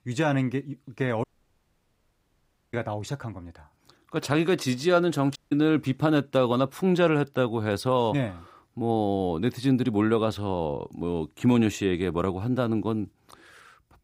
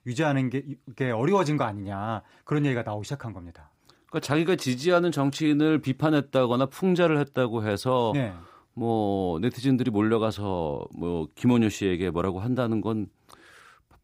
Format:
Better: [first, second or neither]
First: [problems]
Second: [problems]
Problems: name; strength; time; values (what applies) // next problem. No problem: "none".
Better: second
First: audio cutting out; at 1 s for 1.5 s and at 5.5 s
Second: none